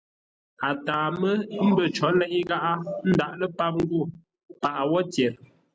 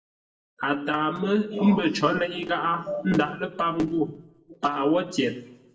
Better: first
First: none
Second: room echo; dies away in 0.6 s

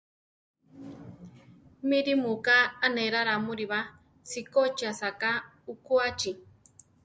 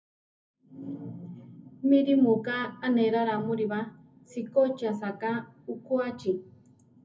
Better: first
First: none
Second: room echo; dies away in 0.3 s

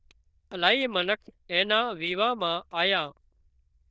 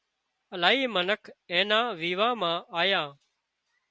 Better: second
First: noise reduction (neural diffusion model UNIVERSE++)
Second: none

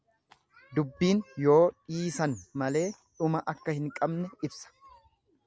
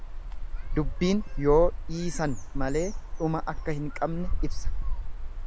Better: first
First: none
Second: background sound (Cricket); 1 dB above the speech

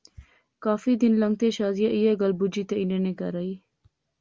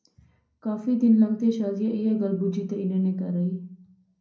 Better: first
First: none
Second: room echo; dies away in 0.6 s

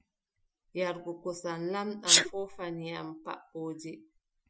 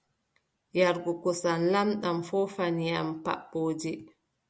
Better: second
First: noise reduction (classical method Wiener filter)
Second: none

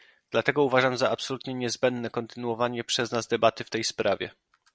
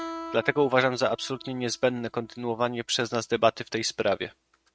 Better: first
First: none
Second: noise reduction (neural mask model RNNoise)

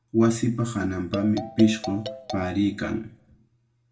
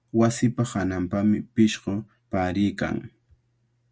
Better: second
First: background sound (Marimba, xylophone); 12 dB below the speech // room echo; dies away in 0.3 s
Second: none

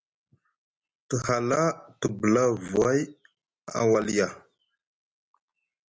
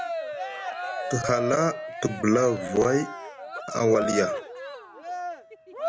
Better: first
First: none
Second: background sound (Cheering); 5 dB below the speech

